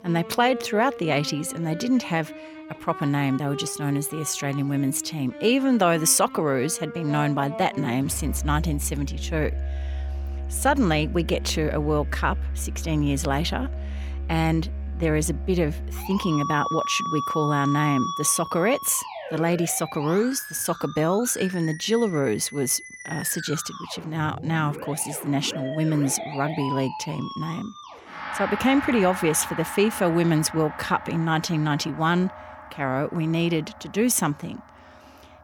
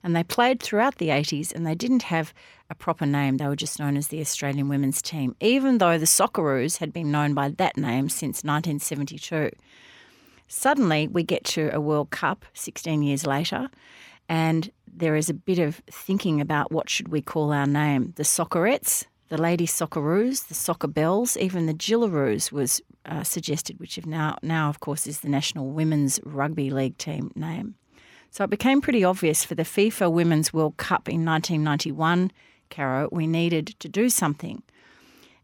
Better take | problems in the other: second | background music; loud; throughout; 9 dB below the speech

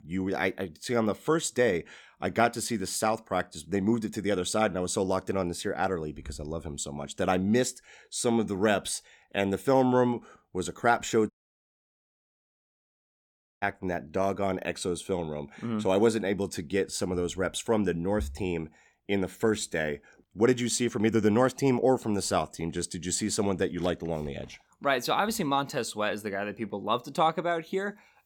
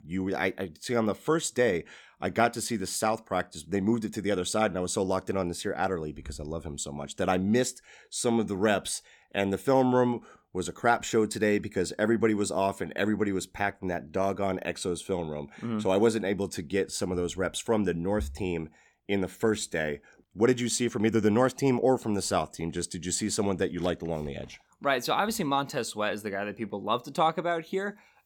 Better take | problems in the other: second | audio cutting out; at 11 s for 2.5 s

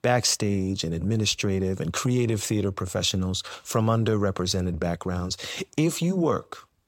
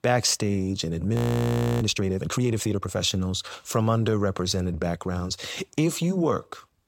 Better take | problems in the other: first | audio freezing; at 1 s for 0.5 s

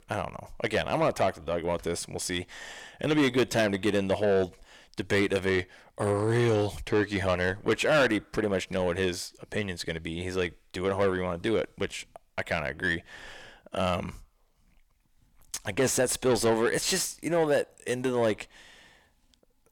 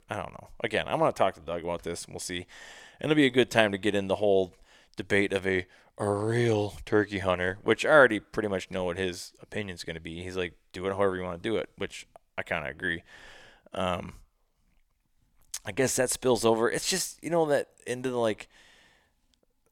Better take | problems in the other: second | distortion; heavy; 8 dB below the speech

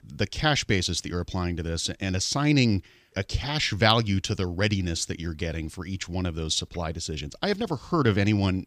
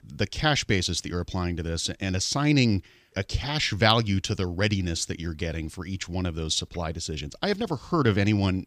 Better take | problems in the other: neither | none

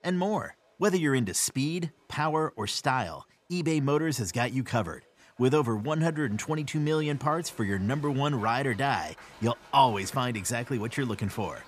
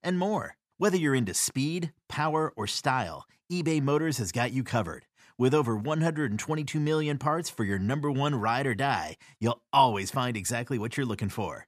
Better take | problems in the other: second | crowd noise; faint; throughout; 25 dB below the speech

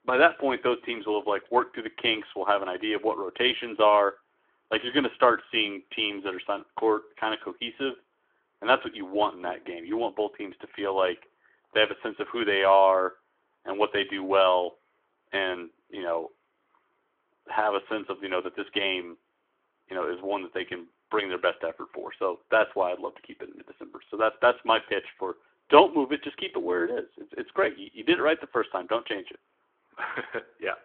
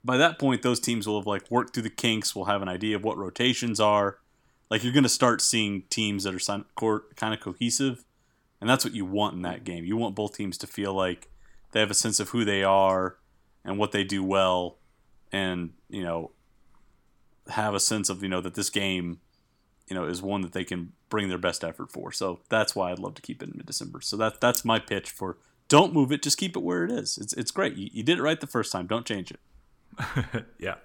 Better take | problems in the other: second | phone-call audio; nothing above 3.5 kHz

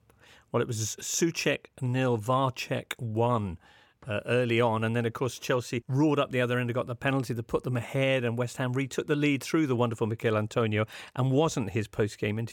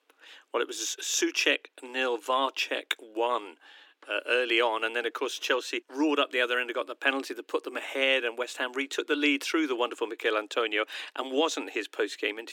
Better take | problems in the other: first | thin; somewhat; fading below 300 Hz

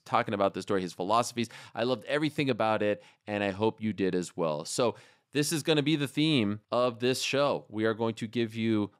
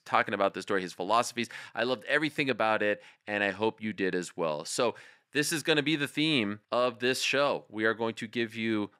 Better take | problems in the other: first | thin; very slightly; fading below 450 Hz

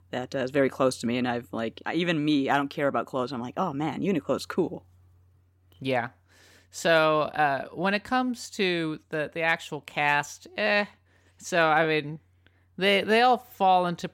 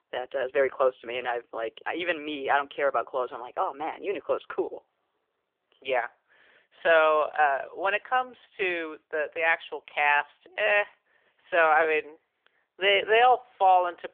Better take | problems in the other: first | phone-call audio; nothing above 3 kHz

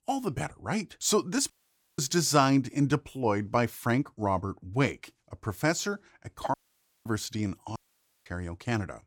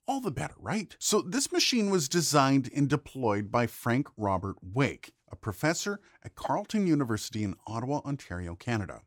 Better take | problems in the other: second | audio cutting out; at 1.5 s, at 6.5 s for 0.5 s and at 8 s

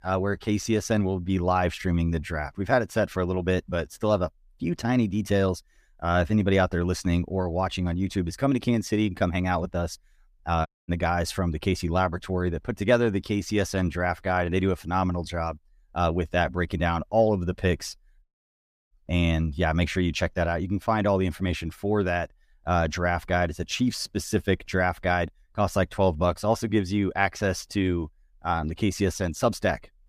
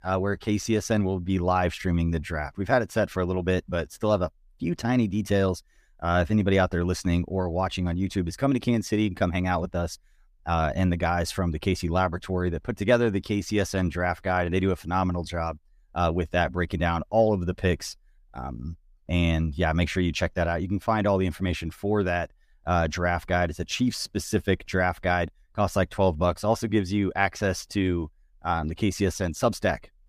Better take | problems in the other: second | audio cutting out; at 11 s and at 18 s for 0.5 s

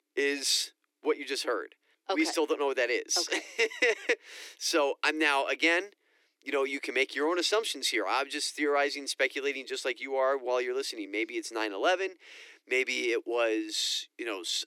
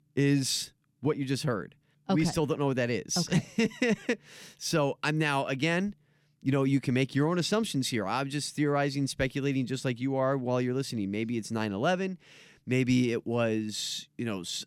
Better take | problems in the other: second | thin; very; fading below 300 Hz

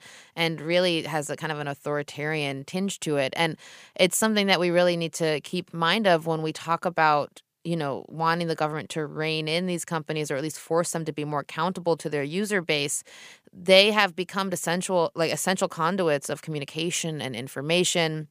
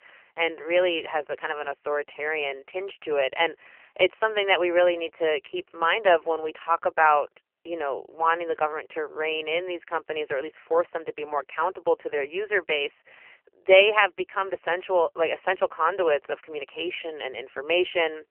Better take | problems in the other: first | phone-call audio; poor line; nothing above 3 kHz

